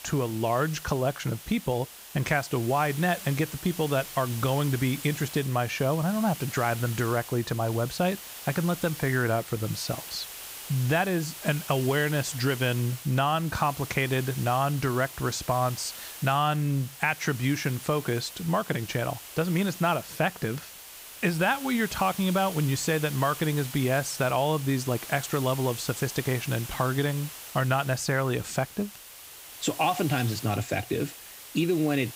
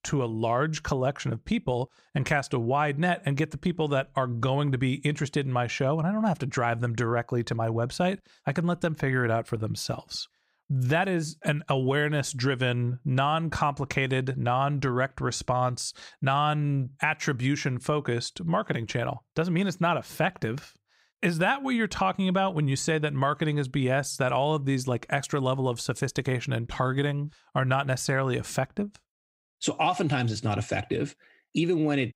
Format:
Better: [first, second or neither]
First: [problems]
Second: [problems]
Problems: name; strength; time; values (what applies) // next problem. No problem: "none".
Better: second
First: hiss; noticeable; throughout; 10 dB below the speech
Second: none